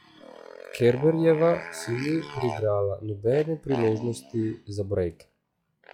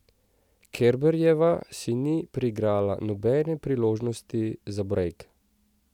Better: second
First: noise reduction (classical method log-MMSE)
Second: none

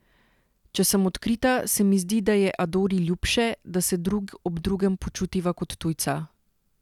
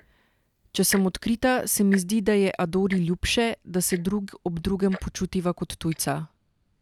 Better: first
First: none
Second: noise reduction (neural mask model DeepFilterNet 3)

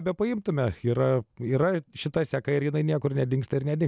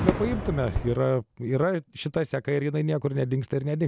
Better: first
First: none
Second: background sound (Fireworks); 8 dB below the speech

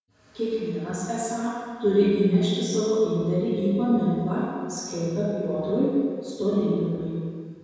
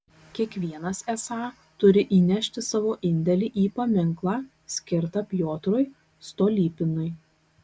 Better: second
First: room echo; dies away in 1.9 s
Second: none

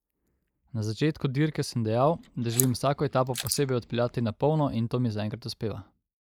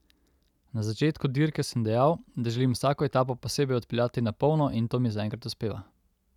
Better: second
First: noise reduction (neural mask model Resemble Enhance denoiser)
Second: none

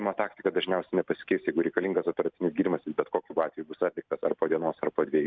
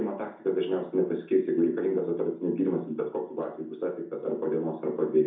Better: first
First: none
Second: room echo; dies away in 0.6 s

